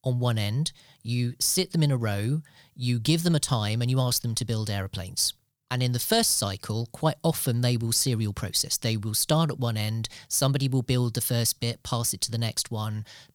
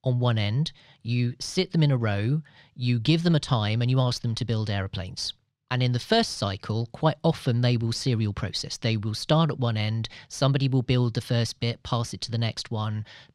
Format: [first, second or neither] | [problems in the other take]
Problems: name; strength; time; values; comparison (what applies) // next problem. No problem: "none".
first | muffled; very slightly; fading above 3 kHz